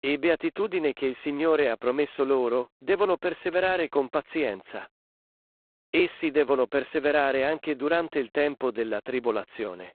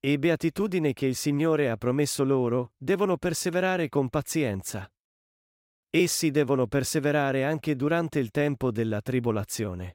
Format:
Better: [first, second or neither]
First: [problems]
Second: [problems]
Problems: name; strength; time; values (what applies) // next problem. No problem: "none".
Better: second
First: phone-call audio; poor line; nothing above 4 kHz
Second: none